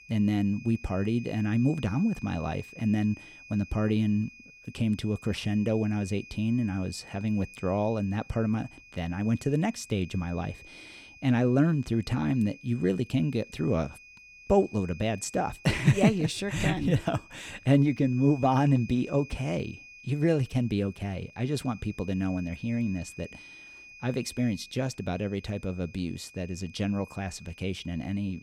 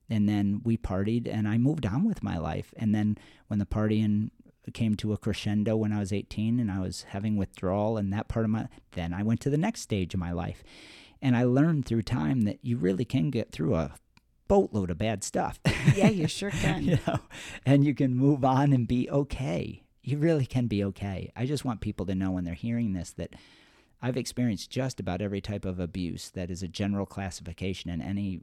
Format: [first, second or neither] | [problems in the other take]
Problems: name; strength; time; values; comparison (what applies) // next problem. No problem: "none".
second | high-pitched whine; noticeable; throughout; 2.5 kHz, 20 dB below the speech